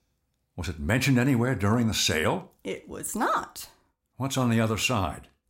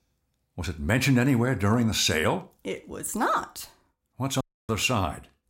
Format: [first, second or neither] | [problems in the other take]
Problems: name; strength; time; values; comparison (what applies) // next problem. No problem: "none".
first | audio cutting out; at 4.5 s